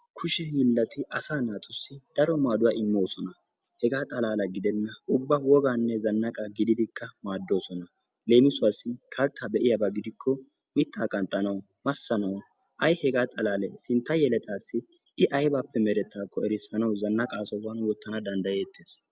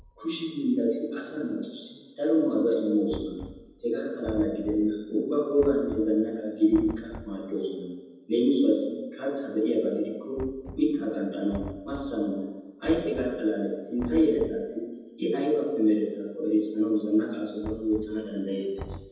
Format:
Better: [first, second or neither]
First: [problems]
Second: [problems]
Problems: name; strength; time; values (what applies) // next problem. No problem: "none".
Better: first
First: none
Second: background sound (Knock); 18 dB below the speech // room echo; dies away in 1.1 s